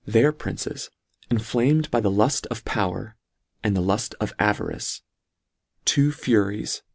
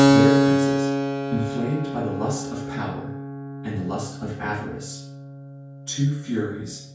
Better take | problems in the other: first | background sound (Keyboard (musical)); 5 dB above the speech // room echo; dies away in 0.5 s

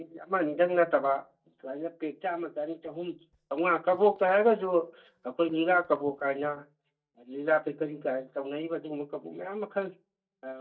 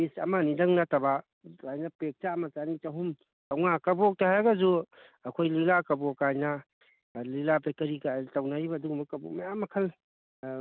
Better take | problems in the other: second | noise reduction (neural mask model DeepFilterNet 3)

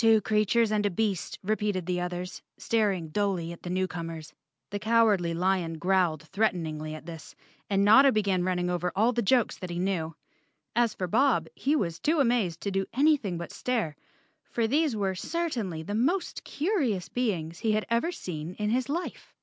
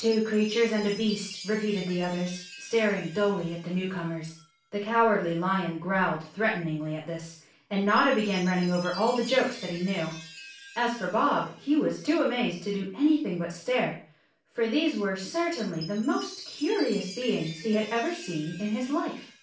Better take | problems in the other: first | background sound (Chime); 19 dB below the speech // room echo; dies away in 0.4 s

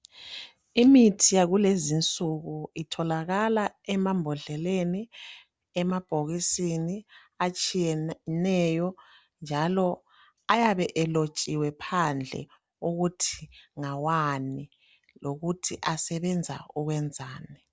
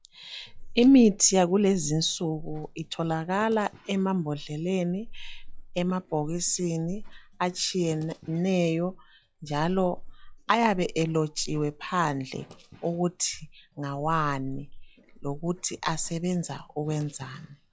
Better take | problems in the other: first | noise reduction (classical method log-MMSE)

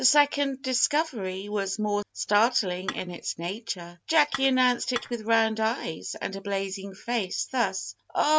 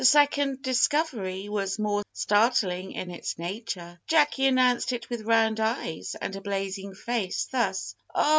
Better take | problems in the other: second | background sound (Dishes, pots, and pans / Chink, clink); 11 dB below the speech

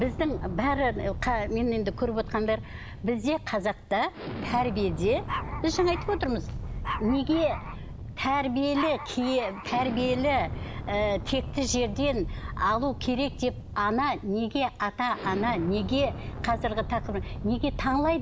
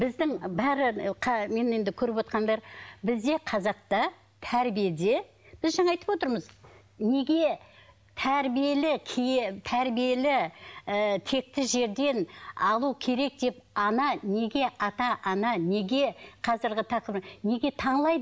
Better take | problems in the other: second | background sound (Explosion + Dog); 8 dB below the speech

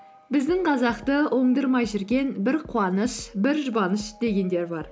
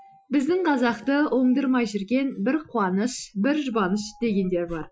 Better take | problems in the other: first | noise reduction (classical method Wiener filter)

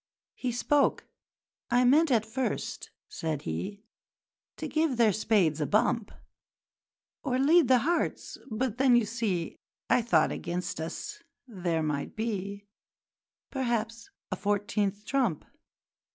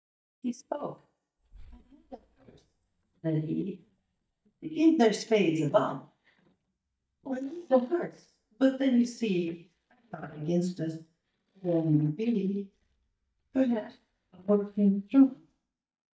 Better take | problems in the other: first | noise reduction (neural mask model DeepFilterNet 3)

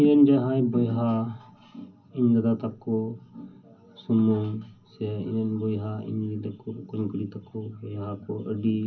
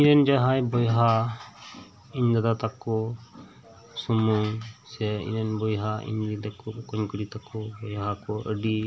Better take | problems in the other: second | room echo; dies away in 0.4 s

